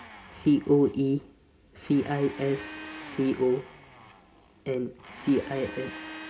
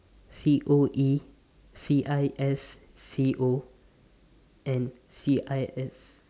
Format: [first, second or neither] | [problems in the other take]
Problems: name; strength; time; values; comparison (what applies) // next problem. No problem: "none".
second | background sound (Domestic sounds, home sounds); 16 dB below the speech // room echo; dies away in 0.3 s